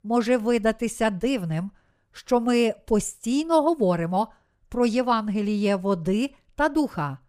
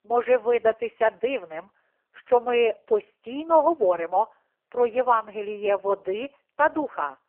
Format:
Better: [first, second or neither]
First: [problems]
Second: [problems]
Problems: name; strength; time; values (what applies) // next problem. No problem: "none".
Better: first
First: none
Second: phone-call audio; poor line; nothing above 3 kHz